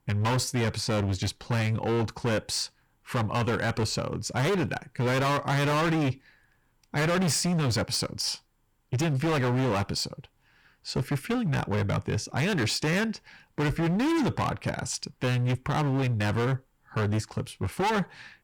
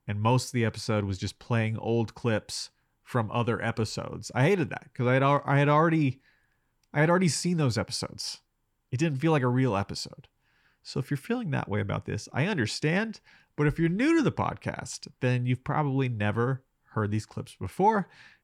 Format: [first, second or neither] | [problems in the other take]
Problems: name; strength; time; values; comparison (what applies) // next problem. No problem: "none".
second | distortion; heavy; 23% of the sound clipped